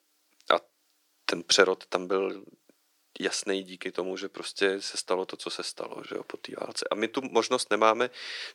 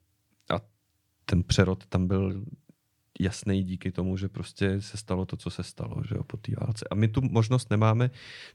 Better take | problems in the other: second | thin; very; fading below 350 Hz

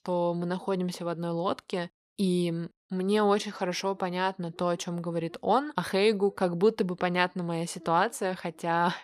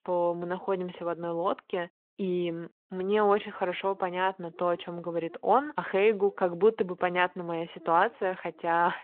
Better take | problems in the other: first | phone-call audio

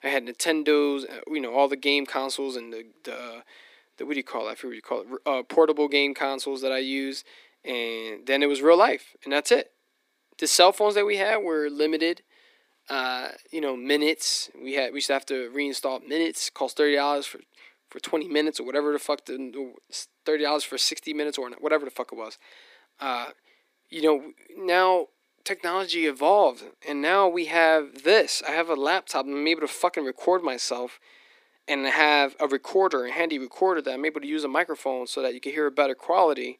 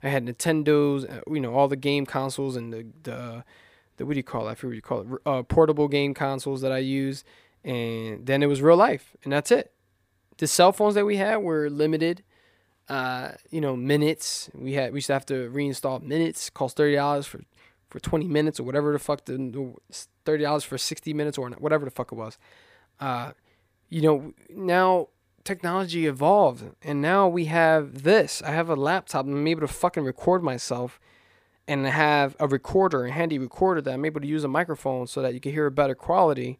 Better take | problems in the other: second | thin; very slightly; fading below 250 Hz

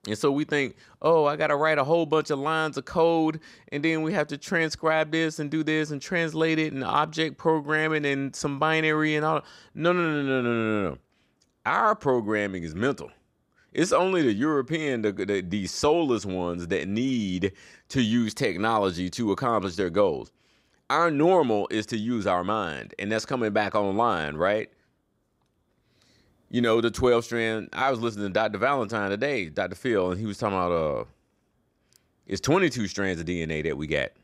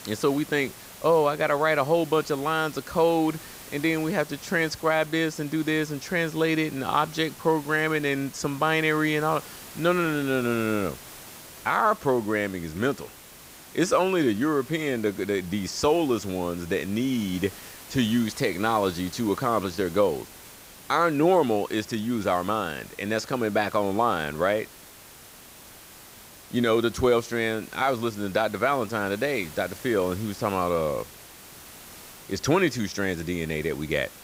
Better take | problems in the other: first | hiss; noticeable; throughout; 20 dB below the speech

